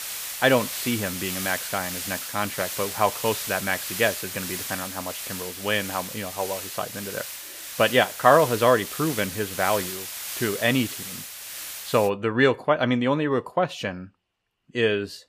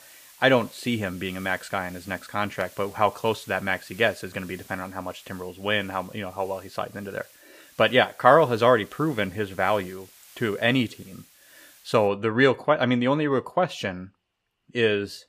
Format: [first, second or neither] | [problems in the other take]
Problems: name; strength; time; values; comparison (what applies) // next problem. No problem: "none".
second | hiss; loud; until 12 s; 7 dB below the speech; faint in the second